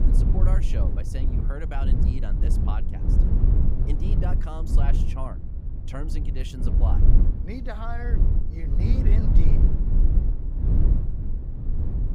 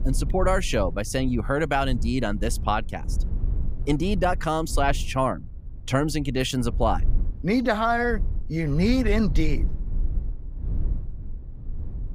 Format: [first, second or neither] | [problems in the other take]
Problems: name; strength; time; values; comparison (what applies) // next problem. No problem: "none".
second | low rumble; loud; throughout; as loud as the speech; faint in the second